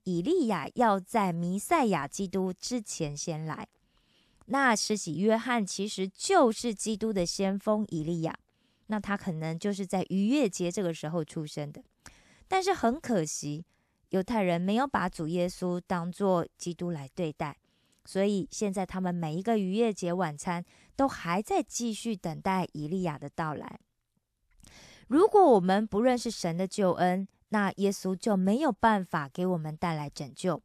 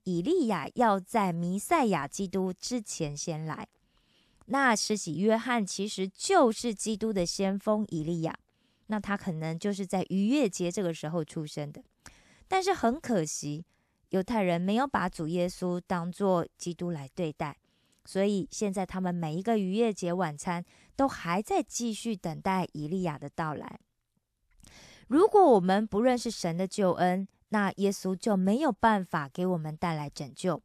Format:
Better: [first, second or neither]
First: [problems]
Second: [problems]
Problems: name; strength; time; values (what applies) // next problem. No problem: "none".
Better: neither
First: none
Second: none